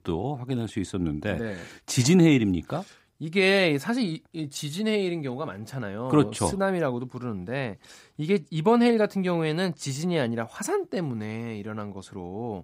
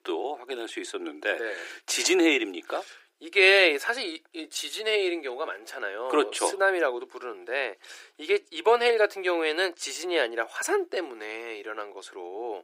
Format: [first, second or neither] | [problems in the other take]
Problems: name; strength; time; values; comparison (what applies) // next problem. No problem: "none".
first | thin; very; fading below 350 Hz